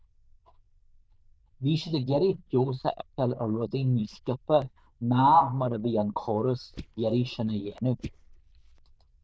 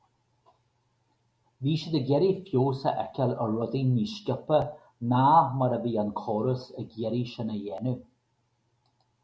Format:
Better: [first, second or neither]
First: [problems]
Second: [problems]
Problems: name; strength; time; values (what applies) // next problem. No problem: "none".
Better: second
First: noise reduction (neural diffusion model UNIVERSE++)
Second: none